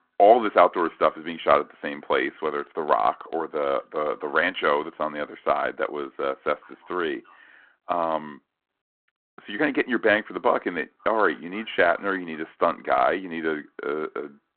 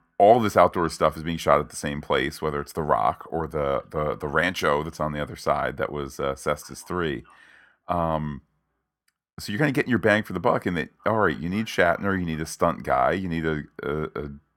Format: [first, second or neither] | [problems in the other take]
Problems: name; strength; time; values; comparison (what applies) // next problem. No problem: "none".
second | phone-call audio